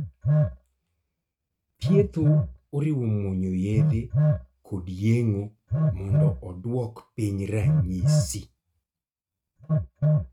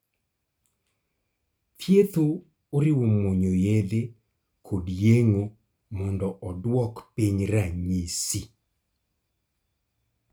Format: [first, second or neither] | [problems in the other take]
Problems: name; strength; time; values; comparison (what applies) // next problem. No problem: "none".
second | noise reduction (neural mask model RNNoise)